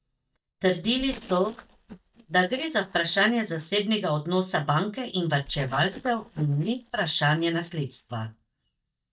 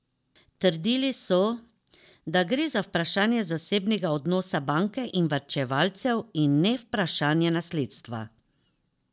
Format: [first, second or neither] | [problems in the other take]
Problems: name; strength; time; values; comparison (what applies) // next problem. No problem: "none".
second | noise reduction (neural mask model DeepFilterNet 3)